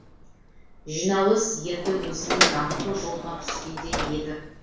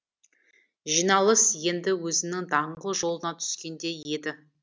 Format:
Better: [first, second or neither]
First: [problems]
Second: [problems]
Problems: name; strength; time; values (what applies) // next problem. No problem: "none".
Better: second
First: background sound (Door); 2 dB below the speech // room echo; dies away in 0.6 s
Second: none